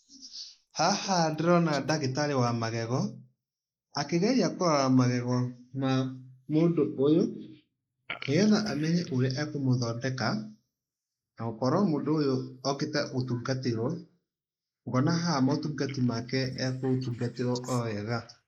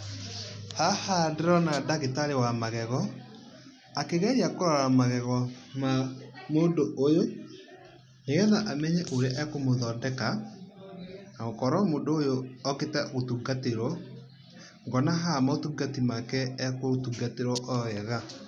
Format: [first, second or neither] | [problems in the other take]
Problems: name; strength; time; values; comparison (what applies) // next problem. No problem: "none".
second | noise reduction (neural mask model Resemble Enhance denoiser)